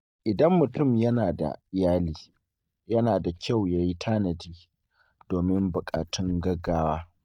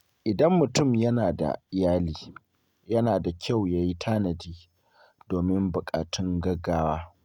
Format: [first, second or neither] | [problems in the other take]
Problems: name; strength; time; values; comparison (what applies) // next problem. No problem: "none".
second | noise reduction (neural mask model DeepFilterNet 3)